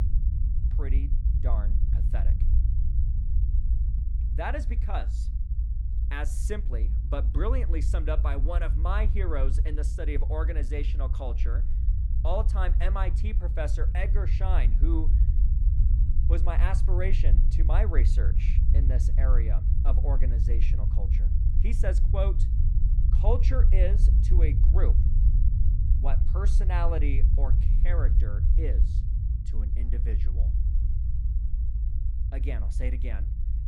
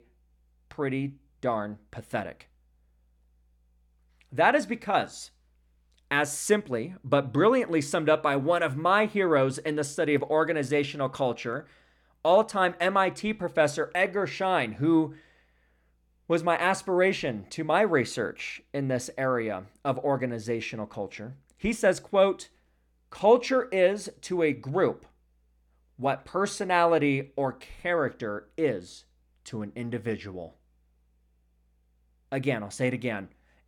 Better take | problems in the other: second | low rumble; loud; throughout; 8 dB below the speech

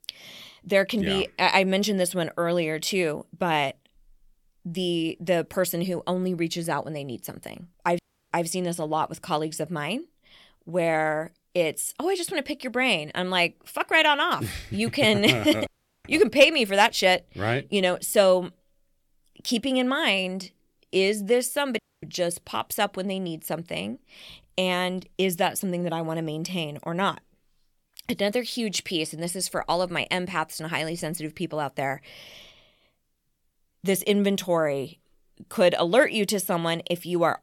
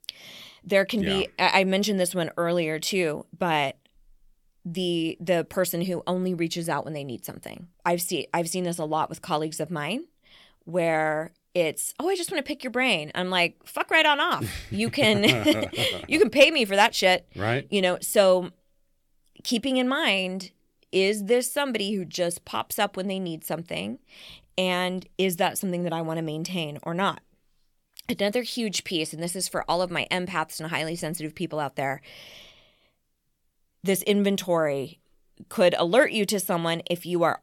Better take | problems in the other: second | audio cutting out; at 8 s, at 16 s and at 22 s

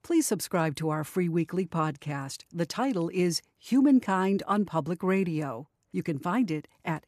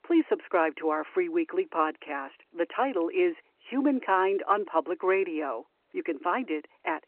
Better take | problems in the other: first | phone-call audio

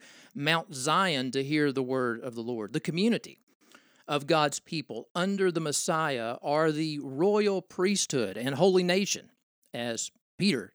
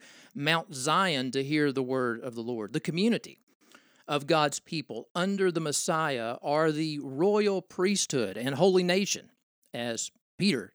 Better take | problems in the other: neither | none

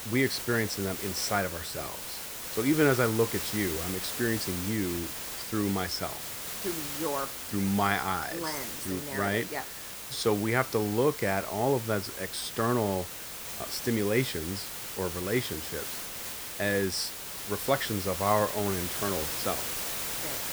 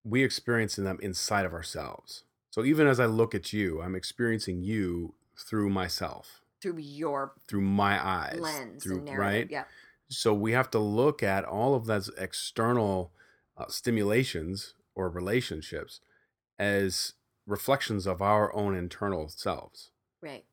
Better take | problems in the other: second | hiss; loud; throughout; 4 dB below the speech

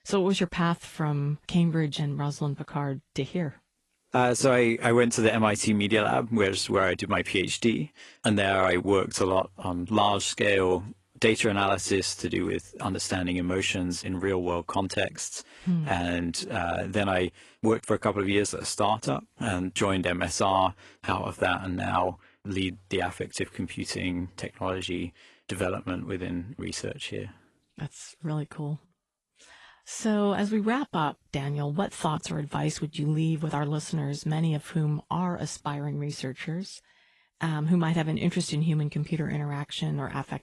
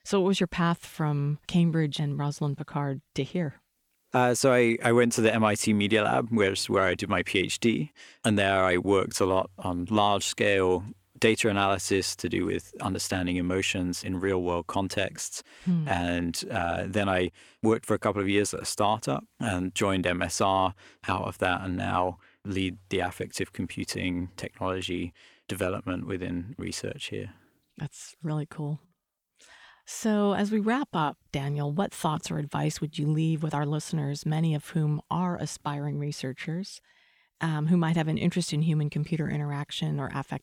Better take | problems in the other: second | garbled, watery; slightly

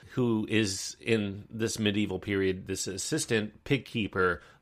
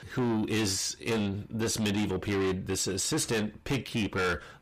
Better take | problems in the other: first | distortion; heavy; 6 dB below the speech

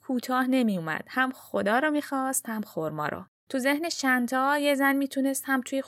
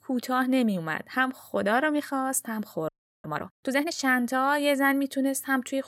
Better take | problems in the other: first | audio freezing; at 3 s

